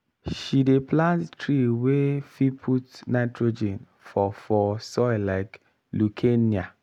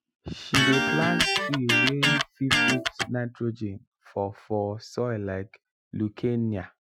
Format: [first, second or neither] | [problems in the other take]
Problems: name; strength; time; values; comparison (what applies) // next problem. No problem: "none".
first | noise reduction (classical method Wiener filter)